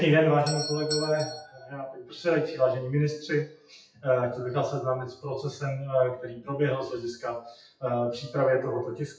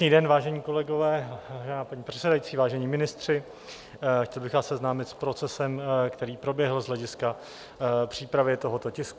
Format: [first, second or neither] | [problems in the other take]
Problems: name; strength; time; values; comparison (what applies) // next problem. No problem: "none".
second | noise reduction (classical method WPE with log-MMSE)